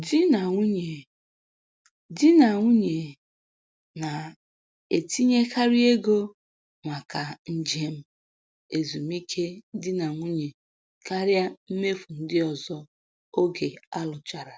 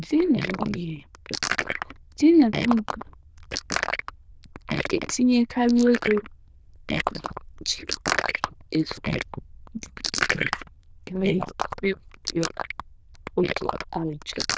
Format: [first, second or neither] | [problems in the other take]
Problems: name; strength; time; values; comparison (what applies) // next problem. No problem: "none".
first | noise reduction (neural diffusion model UNIVERSE++)